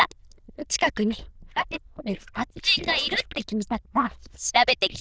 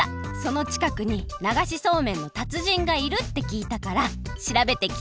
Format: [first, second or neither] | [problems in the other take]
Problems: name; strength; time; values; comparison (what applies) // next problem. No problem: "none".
second | noise reduction (neural diffusion model UNIVERSE++)